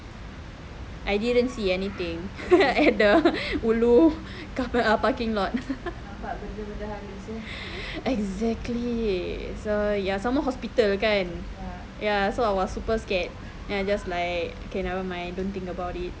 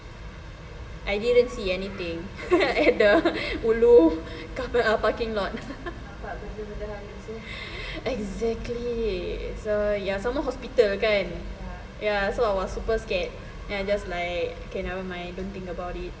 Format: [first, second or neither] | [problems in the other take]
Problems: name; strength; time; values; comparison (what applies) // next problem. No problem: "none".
first | room echo; dies away in 2.2 s